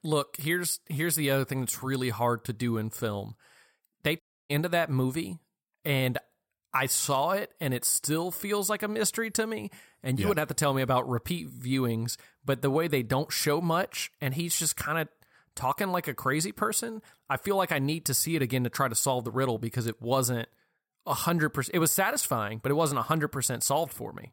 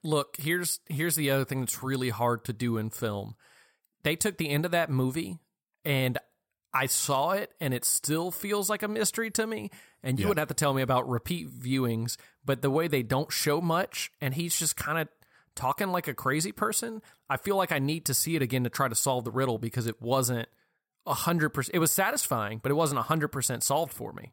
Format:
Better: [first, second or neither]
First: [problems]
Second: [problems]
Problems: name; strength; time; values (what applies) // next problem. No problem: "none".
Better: second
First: audio cutting out; at 4 s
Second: none